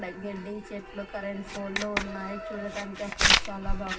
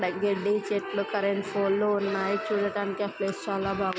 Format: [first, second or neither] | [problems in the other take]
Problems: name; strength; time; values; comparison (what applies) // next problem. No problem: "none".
second | background sound (Writing); 5 dB above the speech // room echo; dies away in 0.4 s